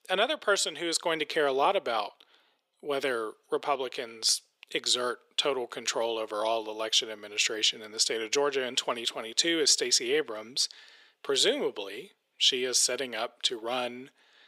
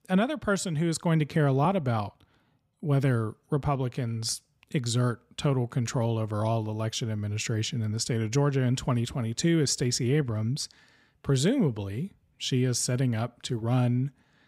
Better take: second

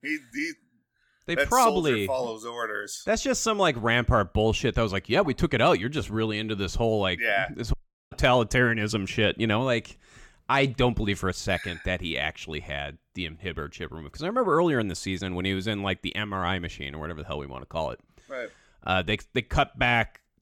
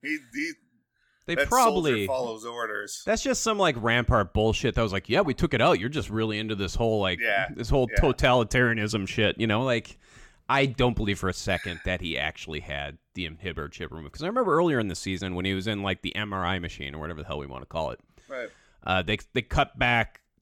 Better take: second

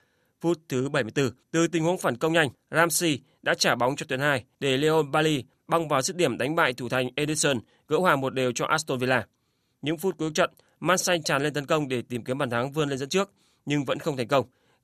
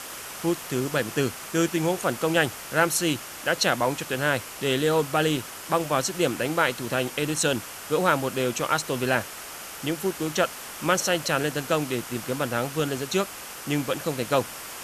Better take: first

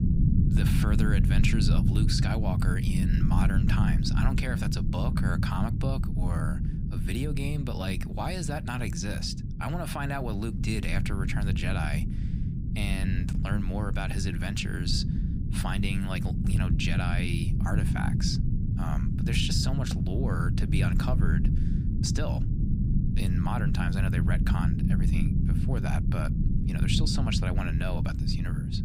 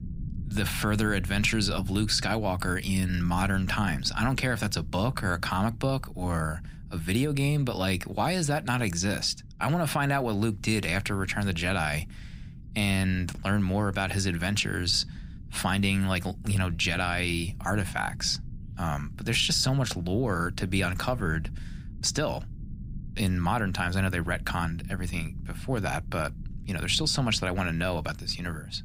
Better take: second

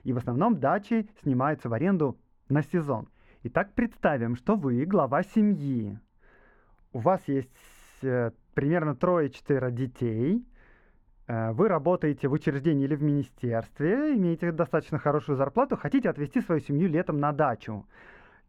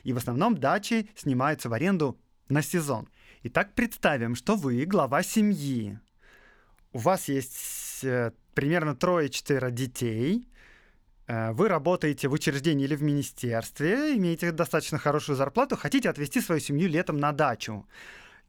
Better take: second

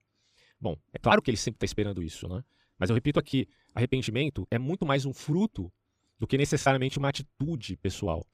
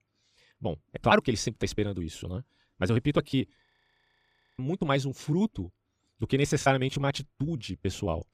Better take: first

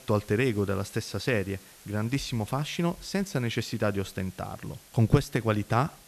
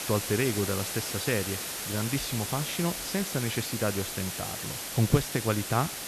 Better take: first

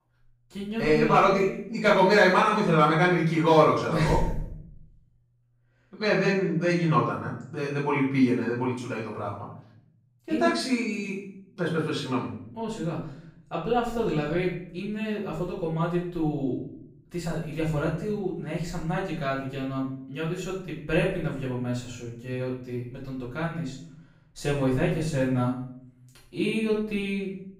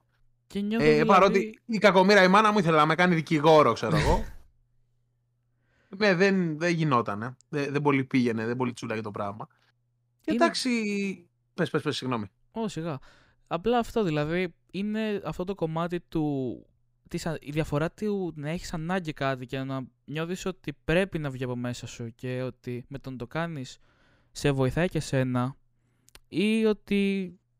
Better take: second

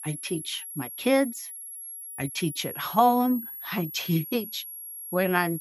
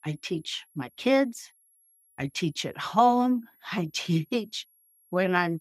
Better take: second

